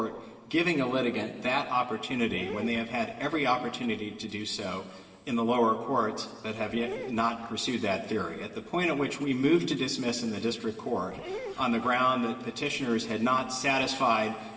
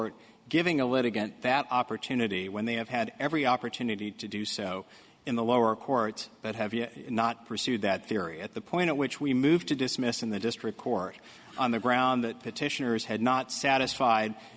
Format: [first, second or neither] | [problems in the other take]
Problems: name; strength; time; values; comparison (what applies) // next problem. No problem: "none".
second | background sound (Dog); 18 dB below the speech // room echo; dies away in 2.3 s